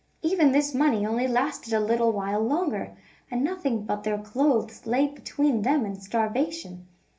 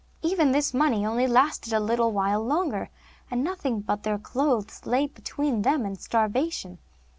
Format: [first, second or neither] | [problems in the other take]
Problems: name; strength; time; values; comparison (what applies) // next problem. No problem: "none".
second | room echo; dies away in 0.3 s